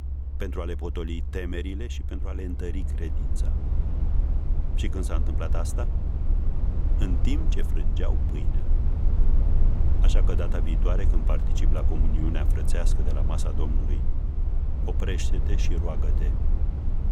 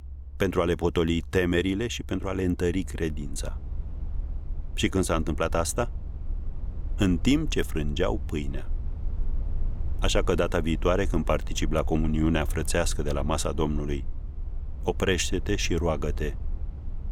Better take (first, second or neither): second